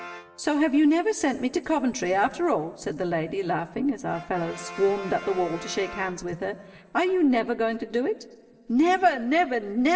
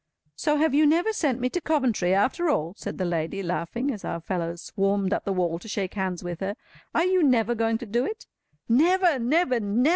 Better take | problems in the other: second | background sound (Brass instrument); 20 dB below the speech // room echo; dies away in 2.3 s

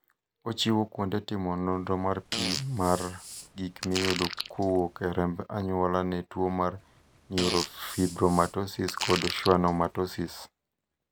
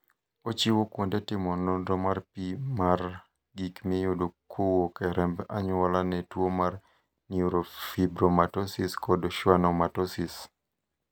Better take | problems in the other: second | background sound (Fart); 8 dB below the speech

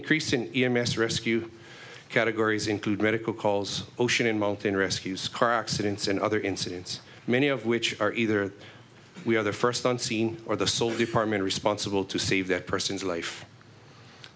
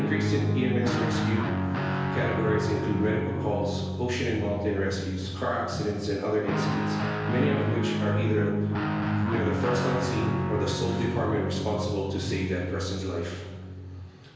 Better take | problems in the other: first | background sound (Guitar); as loud as the speech // room echo; dies away in 1.2 s

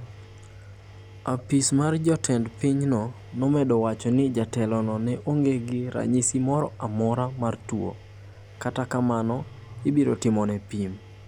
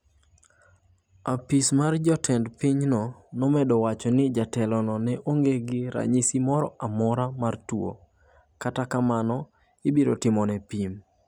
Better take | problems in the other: second | background sound (Growling + Engine); 18 dB below the speech

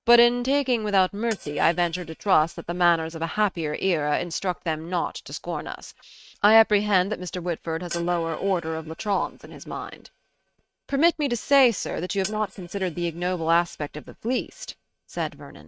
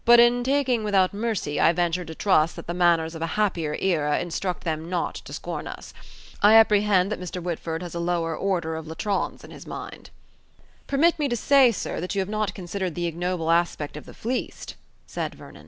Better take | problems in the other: second | noise reduction (neural mask model RNNoise)

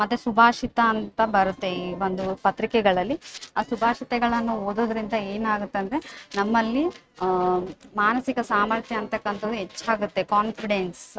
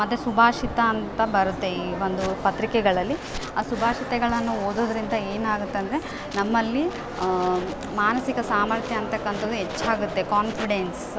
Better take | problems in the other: second | noise reduction (neural mask model RNNoise)

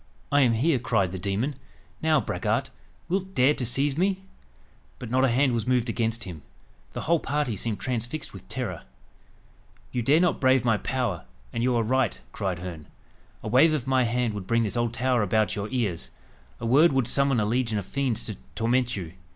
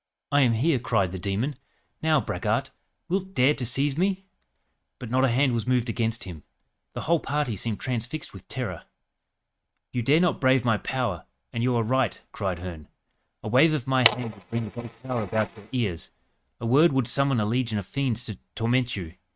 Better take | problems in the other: first | noise reduction (neural mask model RNNoise)

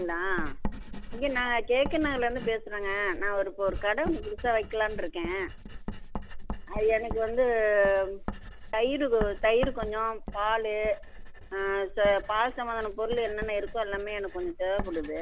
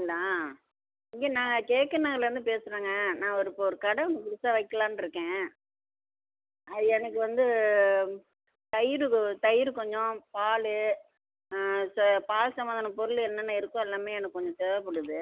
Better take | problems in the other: second | background sound (Writing); 8 dB below the speech

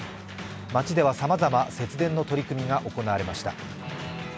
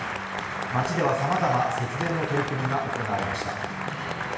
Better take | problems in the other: first | background sound (Applause); 4 dB below the speech // room echo; dies away in 1 s

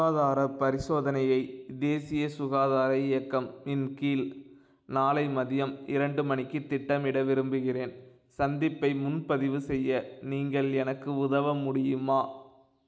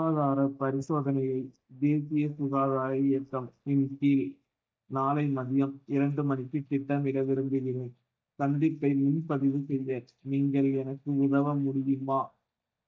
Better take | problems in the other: first | noise reduction (neural mask model DeepFilterNet 3)

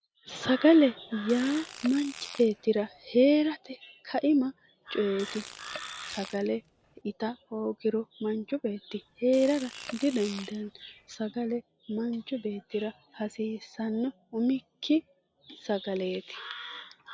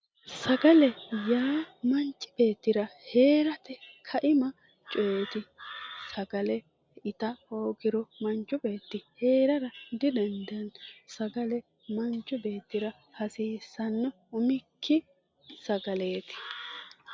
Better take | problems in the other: second | background sound (Fart); 17 dB below the speech

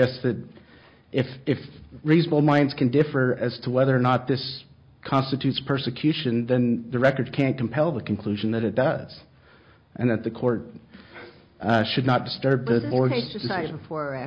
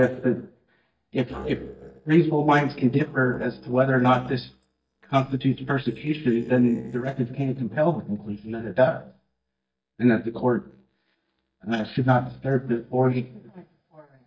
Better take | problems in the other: first | noise reduction (neural mask model DeepFilterNet 3)

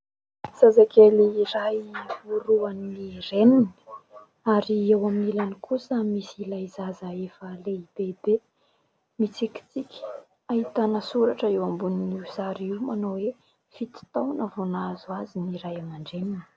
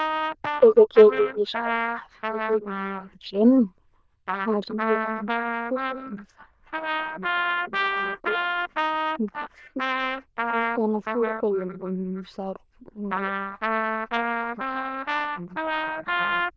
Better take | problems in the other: first | noise reduction (neural diffusion model UNIVERSE++)

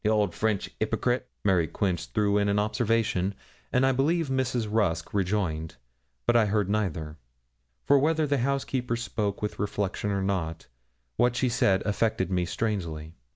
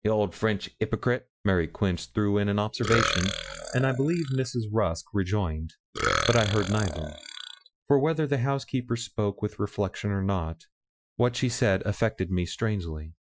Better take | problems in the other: first | noise reduction (classical method Wiener filter)

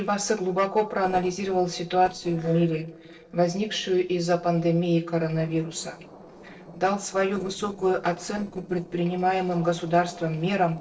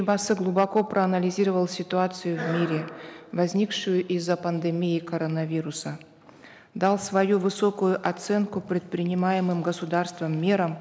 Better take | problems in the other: second | noise reduction (neural separator model SepFormer DNS4)

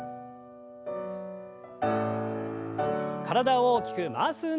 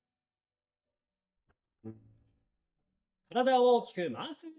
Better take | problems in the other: first | noise reduction (neural mask model DeepFilterNet 3)

